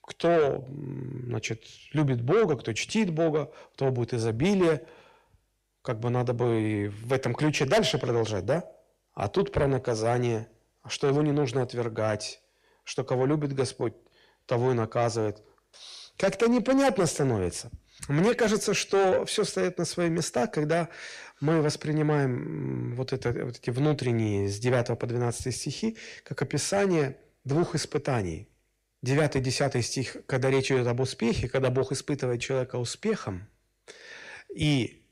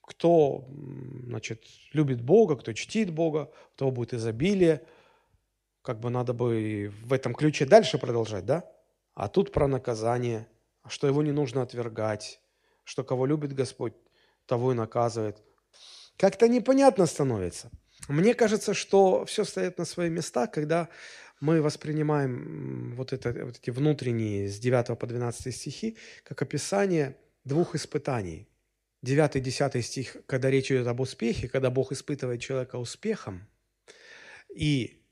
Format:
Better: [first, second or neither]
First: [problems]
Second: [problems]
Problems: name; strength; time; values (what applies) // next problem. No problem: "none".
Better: second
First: distortion; heavy; 8 dB below the speech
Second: none